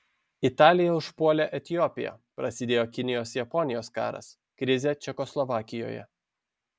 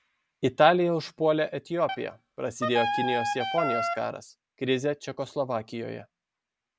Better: first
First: none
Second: background sound (Wind instrument, woodwind instrument); 2 dB below the speech

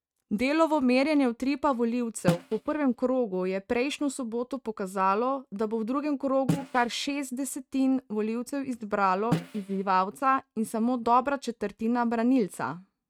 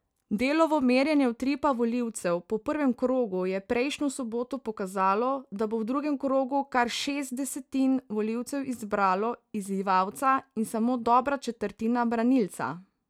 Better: second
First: noise reduction (neural mask model RNNoise)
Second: none

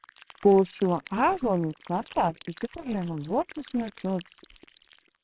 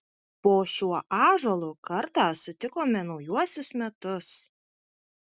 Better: second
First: noise reduction (neural separator model SepFormer WHAMR!)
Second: none

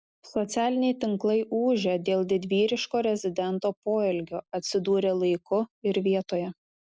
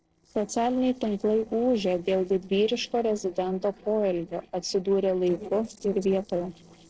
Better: first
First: none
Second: noise reduction (neural separator model SepFormer DNS4)

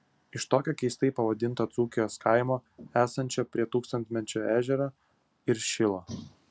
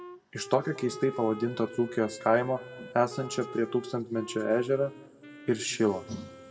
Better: first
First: none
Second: background sound (Wind instrument, woodwind instrument); 16 dB below the speech // room echo; dies away in 0.9 s

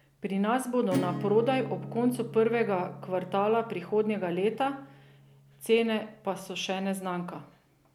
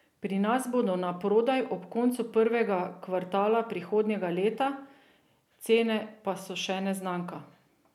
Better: second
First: background sound (Acoustic guitar / Strum); 12 dB below the speech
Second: none

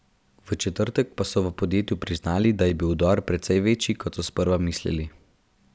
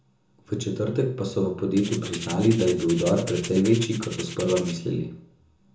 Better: first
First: none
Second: background sound (Rattle (instrument)); 13 dB below the speech // room echo; dies away in 0.6 s

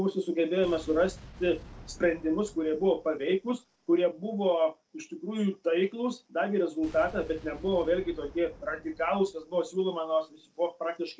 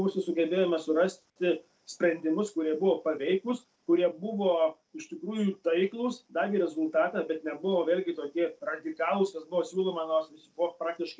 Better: second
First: background sound (Boom); 19 dB below the speech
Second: none

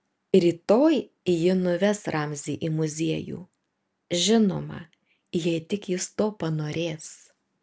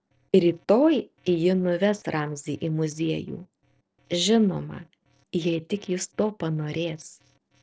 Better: first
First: none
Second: noise reduction (neural separator model SepFormer DNS4)

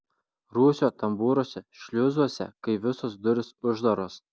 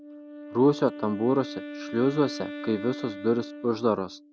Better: first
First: none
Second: background sound (Wind instrument, woodwind instrument); 12 dB below the speech

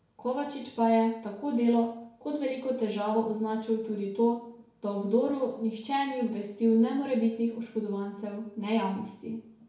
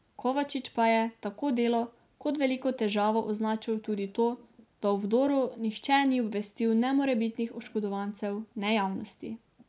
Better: second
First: room echo; dies away in 0.6 s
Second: none

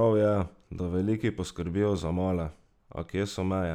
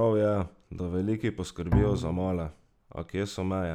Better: first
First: none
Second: background sound (Bowed string instrument); 2 dB below the speech

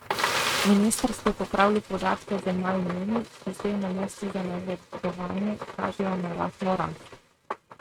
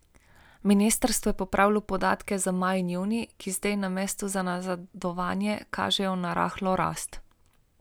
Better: second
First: noise reduction (neural mask model RNNoise)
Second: none

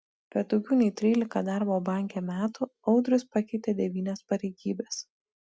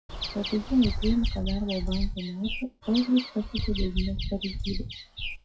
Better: first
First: none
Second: noise reduction (classical method WPE with log-MMSE)

